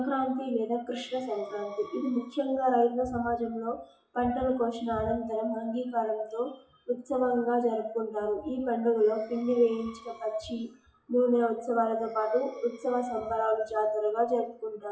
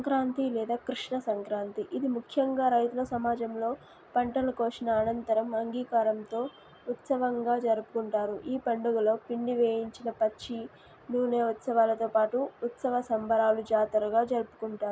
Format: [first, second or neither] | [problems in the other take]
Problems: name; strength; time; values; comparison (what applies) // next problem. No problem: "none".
second | noise reduction (classical method WPE with log-MMSE)